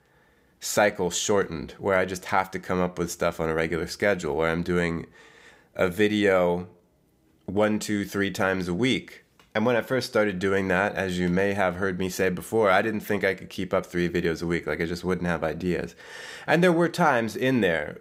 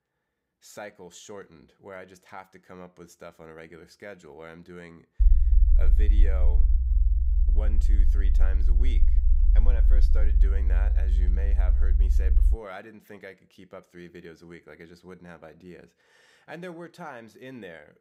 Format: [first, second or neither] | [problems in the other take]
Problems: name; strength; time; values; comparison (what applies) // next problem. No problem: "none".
first | low rumble; loud; from 5 to 13 s; 4 dB below the speech